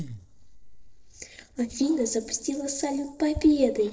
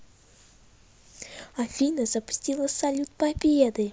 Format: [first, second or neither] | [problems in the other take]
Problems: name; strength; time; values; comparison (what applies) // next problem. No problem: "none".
second | noise reduction (neural separator model SepFormer DNS4)